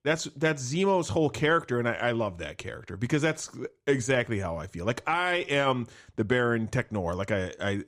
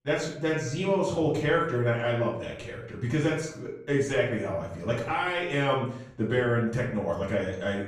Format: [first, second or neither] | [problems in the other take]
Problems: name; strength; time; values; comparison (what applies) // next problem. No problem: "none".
first | off-mic speech; far // room echo; noticeable; dies away in 0.6 s